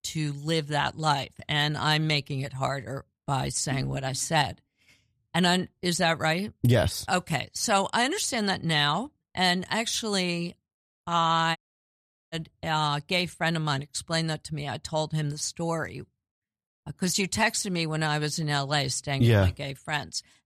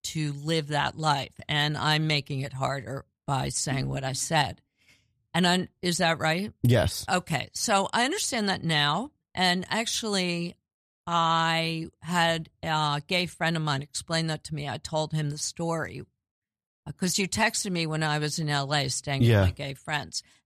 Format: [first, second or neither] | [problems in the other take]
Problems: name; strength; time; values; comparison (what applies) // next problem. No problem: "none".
second | audio cutting out; at 12 s for 1 s